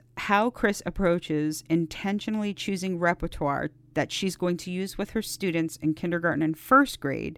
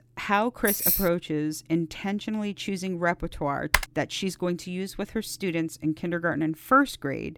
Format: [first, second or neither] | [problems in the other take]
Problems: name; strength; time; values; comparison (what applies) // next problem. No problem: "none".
first | jangling keys; loud; at 0.5 s; peak 5 dB above the speech // keyboard typing; loud; at 3.5 s; peak 2 dB above the speech